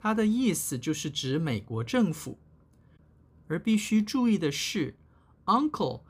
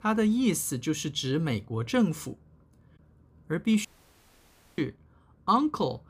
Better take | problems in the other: first | audio cutting out; at 4 s for 1 s

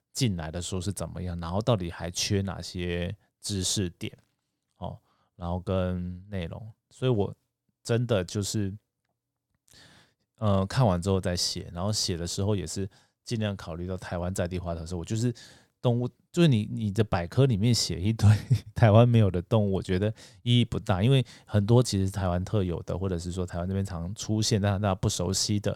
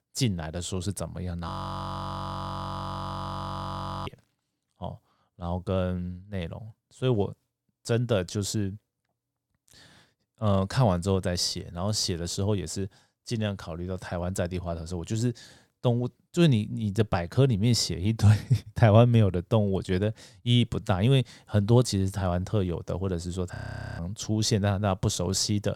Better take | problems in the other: first | audio freezing; at 1.5 s for 2.5 s and at 24 s

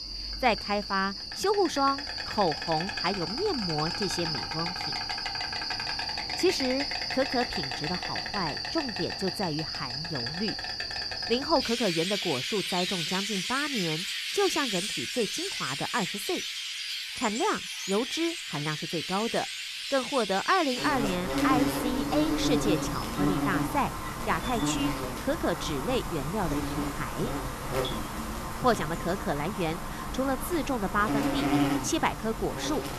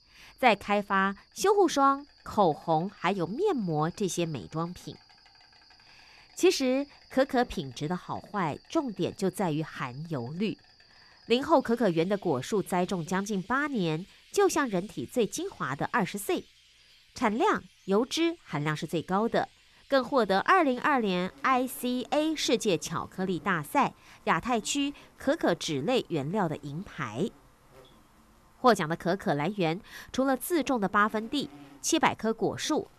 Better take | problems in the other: second | animal sounds; loud; throughout; 1 dB below the speech; faint in the second

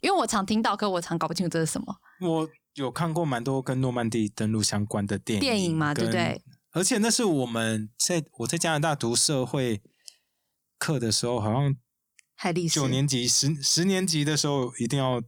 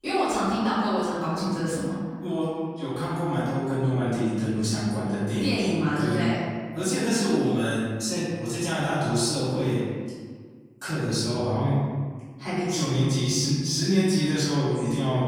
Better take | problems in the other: first | off-mic speech; far // room echo; strong; dies away in 1.5 s

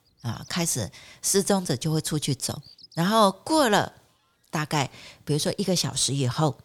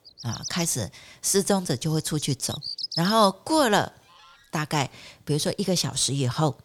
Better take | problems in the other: first | animal sounds; loud; until 4.5 s; 9 dB below the speech; faint in the first

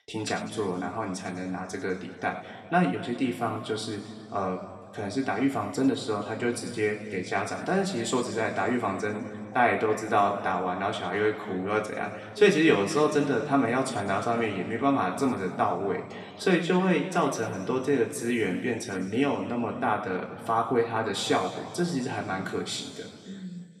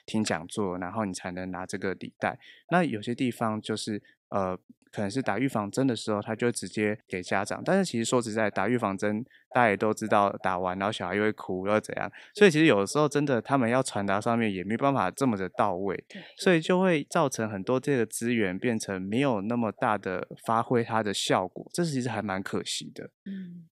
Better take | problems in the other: second | room echo; slight; dies away in 2 s // off-mic speech; somewhat distant

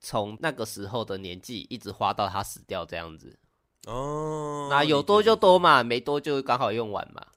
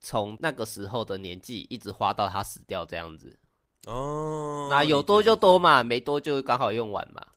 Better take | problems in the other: first | garbled, watery; slightly; nothing above 15.5 kHz

